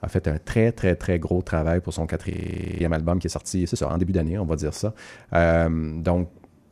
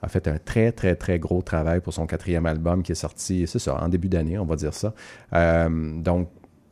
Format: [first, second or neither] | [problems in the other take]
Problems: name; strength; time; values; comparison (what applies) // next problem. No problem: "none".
second | audio freezing; at 2.5 s for 0.5 s